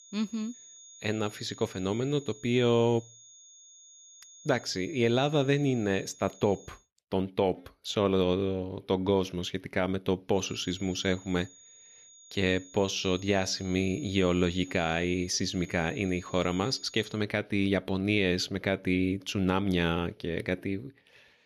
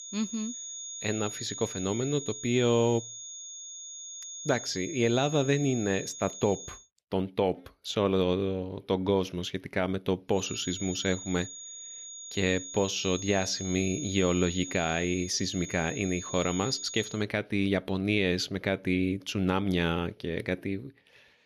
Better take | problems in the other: first | high-pitched whine; loud; until 7 s and from 10 to 17 s; 6.5 kHz, 9 dB below the speech; faint in the first

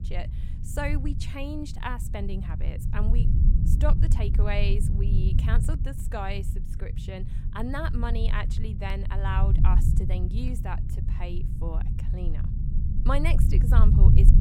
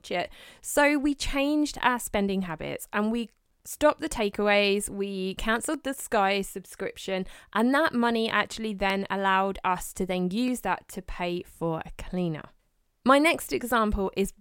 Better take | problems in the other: second | low rumble; loud; throughout; 6 dB below the speech

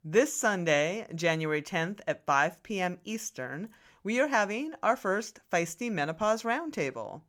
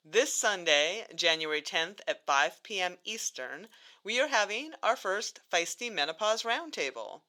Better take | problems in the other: first | thin; somewhat; fading below 450 Hz

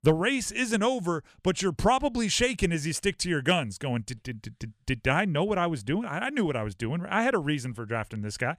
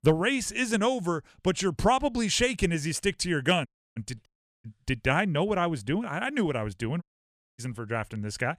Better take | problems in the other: first | audio cutting out; at 3.5 s, at 4.5 s and at 7 s for 0.5 s

